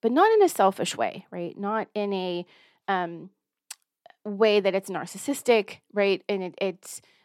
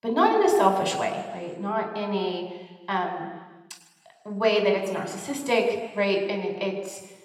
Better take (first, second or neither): first